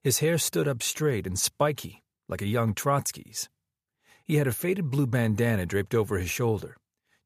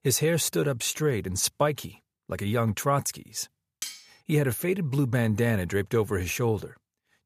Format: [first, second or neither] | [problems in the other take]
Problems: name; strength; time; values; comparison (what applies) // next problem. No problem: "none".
first | clattering dishes; noticeable; at 4 s; peak 10 dB below the speech